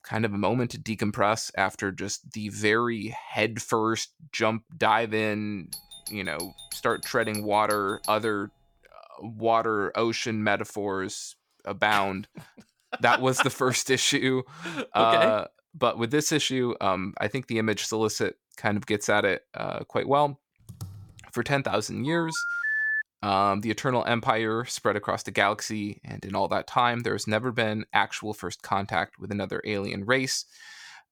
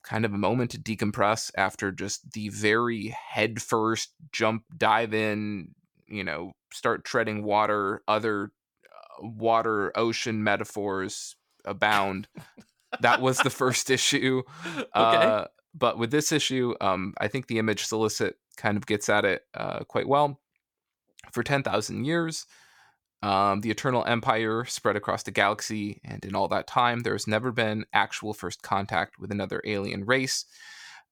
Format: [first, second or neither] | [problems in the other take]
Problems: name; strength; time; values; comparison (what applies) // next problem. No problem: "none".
second | doorbell; faint; from 5.5 to 8.5 s; peak 10 dB below the speech // keyboard typing; faint; at 21 s; peak 15 dB below the speech // phone ringing; loud; at 22 s; peak 2 dB above the speech